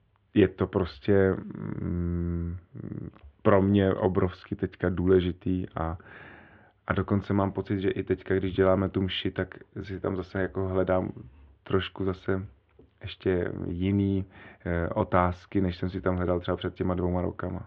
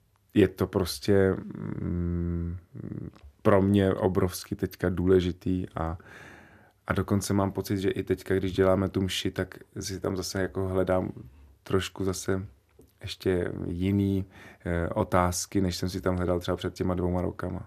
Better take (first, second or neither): second